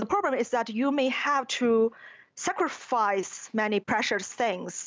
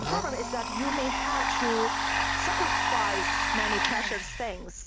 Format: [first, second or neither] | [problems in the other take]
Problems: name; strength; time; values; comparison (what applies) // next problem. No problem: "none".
first | background sound (Domestic sounds, home sounds); 5 dB above the speech